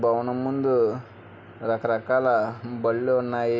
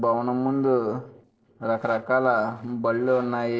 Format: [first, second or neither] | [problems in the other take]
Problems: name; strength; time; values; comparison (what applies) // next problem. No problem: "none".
first | noise reduction (neural separator model SepFormer DNS4)